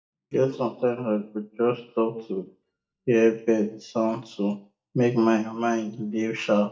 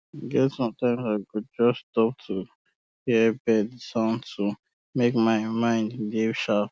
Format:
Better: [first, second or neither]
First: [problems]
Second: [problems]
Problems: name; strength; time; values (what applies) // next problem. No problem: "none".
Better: second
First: noise reduction (neural mask model DeepFilterNet 3)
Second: none